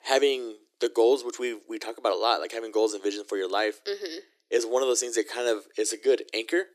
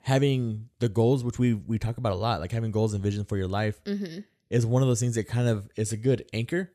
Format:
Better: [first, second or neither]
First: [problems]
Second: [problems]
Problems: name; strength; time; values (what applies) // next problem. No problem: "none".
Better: second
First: thin; very; fading below 300 Hz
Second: none